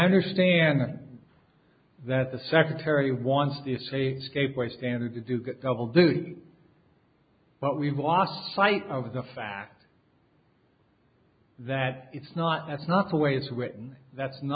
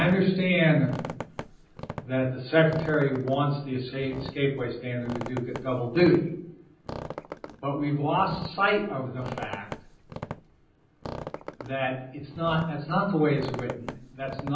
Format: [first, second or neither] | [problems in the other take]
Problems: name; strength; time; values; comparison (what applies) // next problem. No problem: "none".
first | background sound (Squeak); 13 dB below the speech // room echo; dies away in 0.6 s